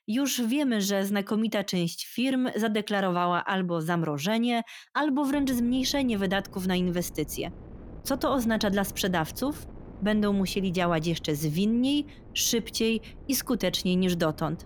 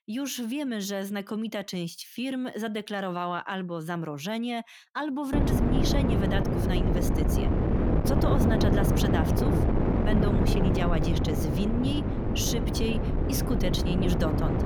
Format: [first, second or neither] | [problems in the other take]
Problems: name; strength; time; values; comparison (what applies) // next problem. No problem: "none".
first | wind noise on the microphone; heavy; from 5.5 s on; 1 dB above the speech; occasional gusts in the first